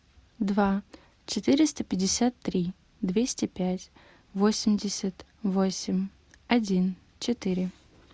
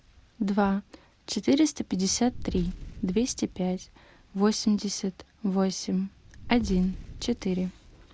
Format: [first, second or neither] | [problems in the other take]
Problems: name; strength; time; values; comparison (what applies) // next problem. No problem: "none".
first | background sound (Fire); 15 dB below the speech